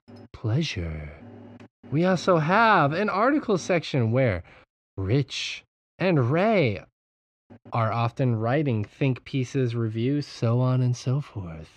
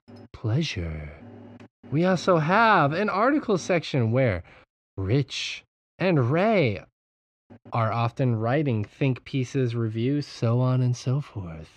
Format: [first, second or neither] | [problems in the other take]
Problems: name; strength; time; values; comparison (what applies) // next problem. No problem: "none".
neither | muffled; slightly; fading above 3.5 kHz; the same in both